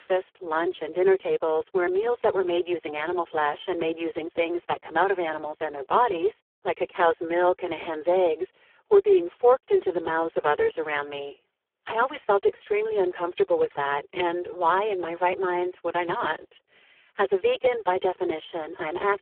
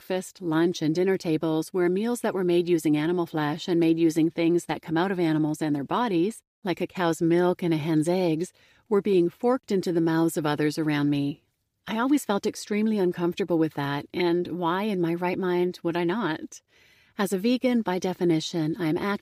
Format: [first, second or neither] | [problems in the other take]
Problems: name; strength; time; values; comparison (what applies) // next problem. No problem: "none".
second | phone-call audio; poor line